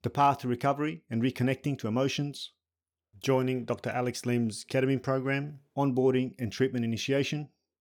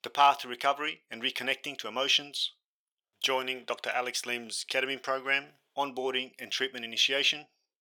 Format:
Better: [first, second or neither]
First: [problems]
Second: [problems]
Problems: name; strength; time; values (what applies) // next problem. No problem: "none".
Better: first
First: none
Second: thin; very; fading below 750 Hz